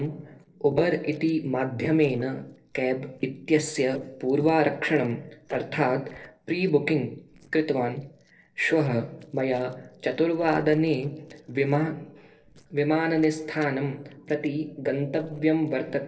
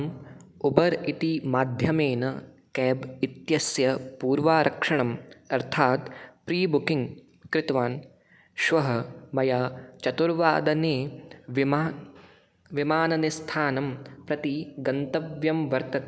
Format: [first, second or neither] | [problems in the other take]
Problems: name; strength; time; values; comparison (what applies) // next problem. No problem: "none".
second | noise reduction (neural separator model SepFormer DNS4)